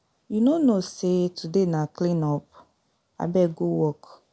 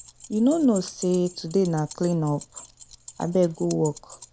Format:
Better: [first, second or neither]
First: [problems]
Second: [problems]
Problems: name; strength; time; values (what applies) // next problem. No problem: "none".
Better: first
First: none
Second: background sound (Keys jangling); 18 dB below the speech